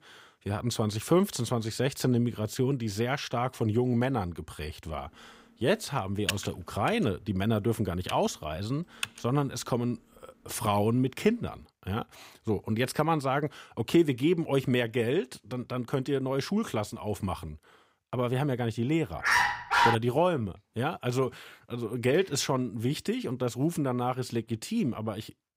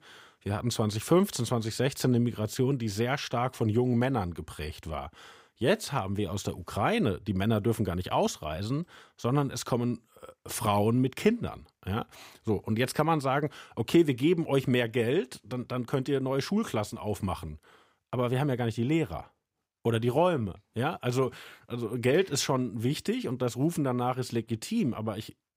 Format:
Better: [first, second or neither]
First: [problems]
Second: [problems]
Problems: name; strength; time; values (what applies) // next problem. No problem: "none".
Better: second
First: keyboard typing; noticeable; from 6.5 to 9 s; peak 3 dB below the speech // dog barking; loud; at 19 s; peak 6 dB above the speech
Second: none